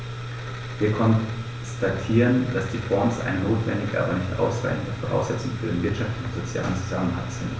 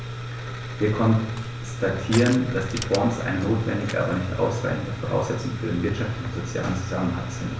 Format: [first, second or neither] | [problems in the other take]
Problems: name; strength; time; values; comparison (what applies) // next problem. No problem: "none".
first | background sound (Crushing); 15 dB below the speech